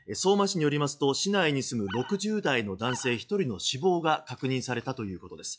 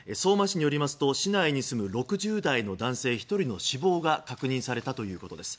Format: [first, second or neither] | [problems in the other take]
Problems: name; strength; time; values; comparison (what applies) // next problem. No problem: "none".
second | noise reduction (classical method log-MMSE)